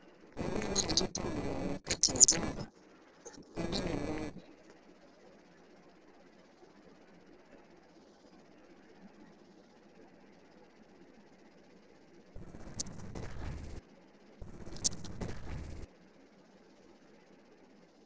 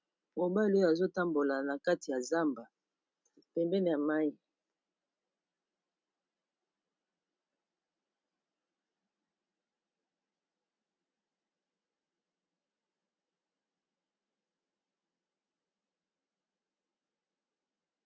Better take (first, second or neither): second